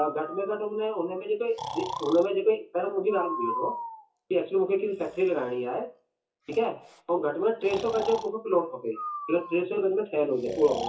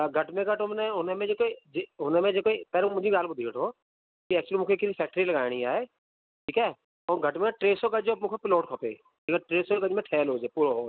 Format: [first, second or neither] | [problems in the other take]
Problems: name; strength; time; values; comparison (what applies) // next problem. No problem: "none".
second | noise reduction (classical method WPE with log-MMSE)